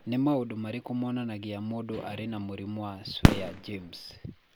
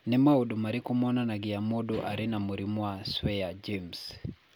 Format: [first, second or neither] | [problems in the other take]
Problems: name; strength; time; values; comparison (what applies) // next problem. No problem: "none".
second | background sound (Fireworks); 1 dB above the speech